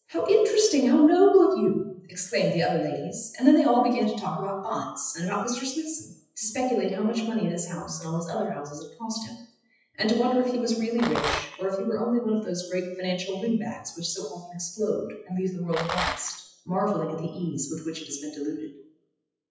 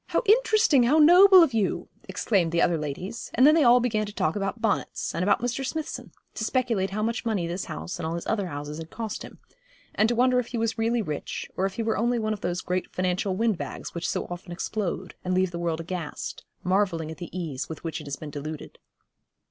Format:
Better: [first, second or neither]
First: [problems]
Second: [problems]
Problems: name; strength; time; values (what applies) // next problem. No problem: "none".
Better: second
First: noise reduction (classical method WPE with log-MMSE)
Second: none